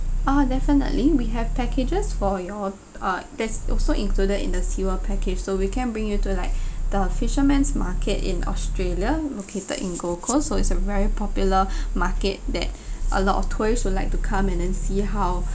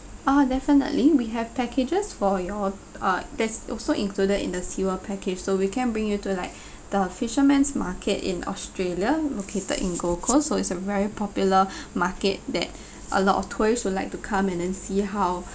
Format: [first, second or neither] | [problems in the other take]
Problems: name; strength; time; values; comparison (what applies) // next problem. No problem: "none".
second | background sound (Growling); 2 dB above the speech